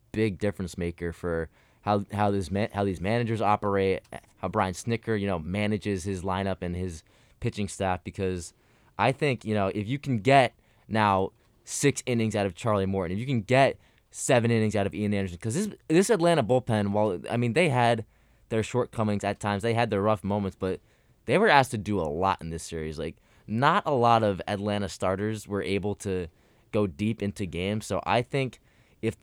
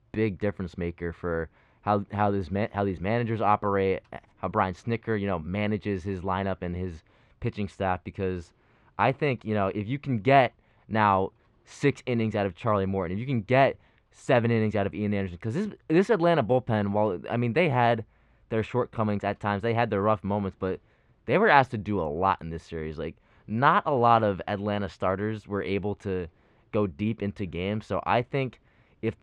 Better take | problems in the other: first | muffled; slightly; fading above 3 kHz

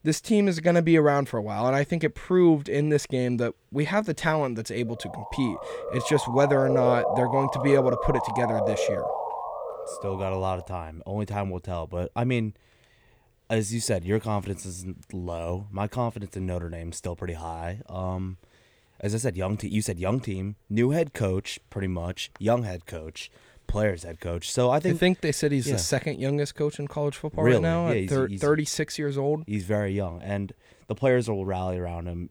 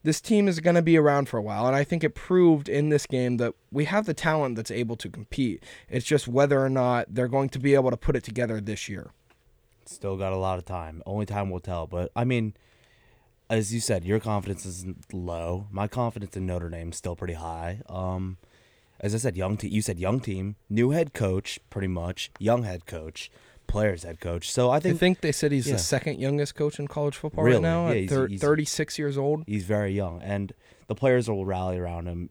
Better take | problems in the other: second | siren; loud; from 5 to 10 s; peak 2 dB above the speech

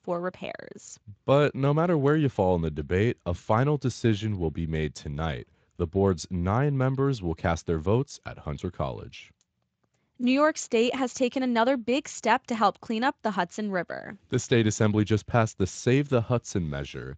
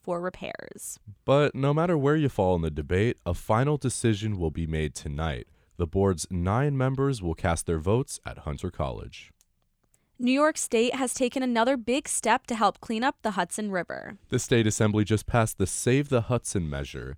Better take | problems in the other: second | garbled, watery; slightly; nothing above 7.5 kHz

